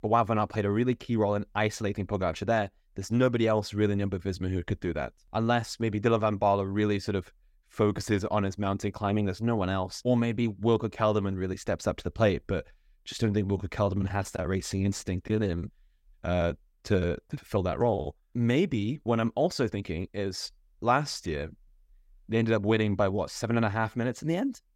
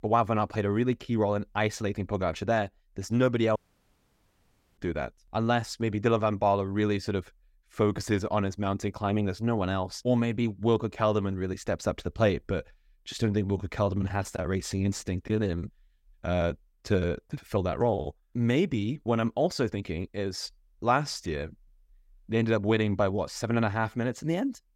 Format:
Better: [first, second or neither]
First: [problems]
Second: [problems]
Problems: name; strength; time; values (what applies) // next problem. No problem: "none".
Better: first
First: none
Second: audio cutting out; at 3.5 s for 1 s